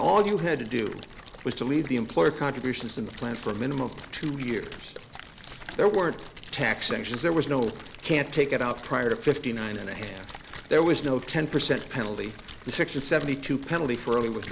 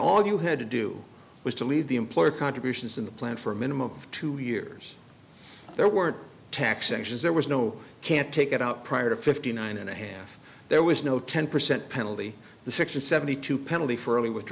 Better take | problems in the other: second | background sound (Splash, splatter); 16 dB below the speech

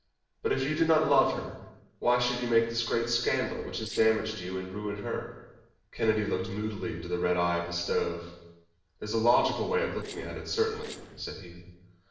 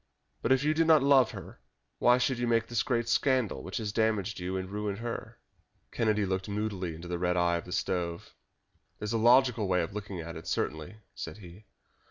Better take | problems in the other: second | noise reduction (neural separator model SepFormer DNS4)

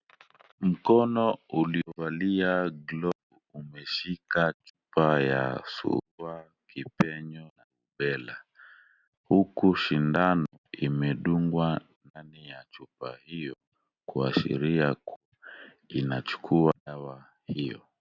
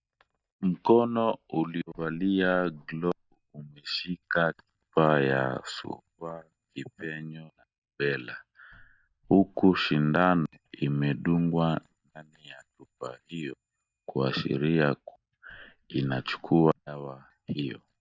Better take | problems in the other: first | noise reduction (neural mask model DeepFilterNet 3)

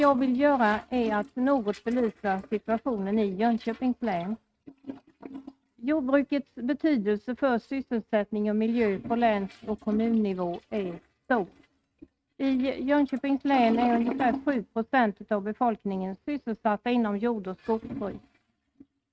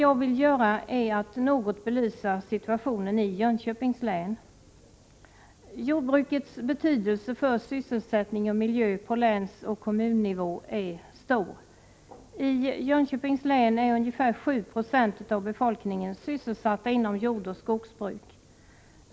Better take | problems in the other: second | noise reduction (neural mask model RNNoise)

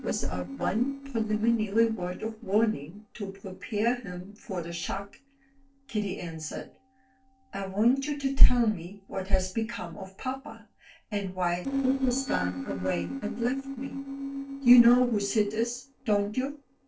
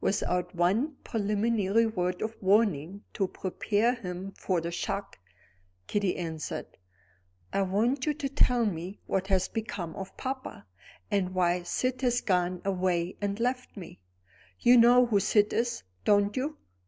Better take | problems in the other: second | noise reduction (neural separator model SepFormer DNS4)

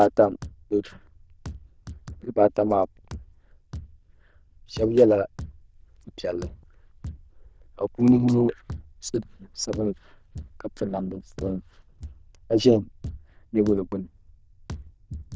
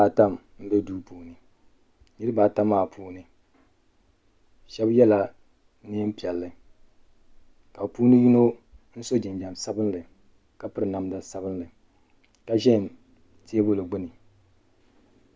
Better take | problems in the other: second | noise reduction (neural diffusion model UNIVERSE++)

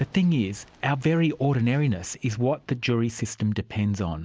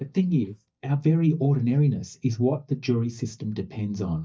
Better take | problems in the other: first | noise reduction (neural mask model DeepFilterNet 3)

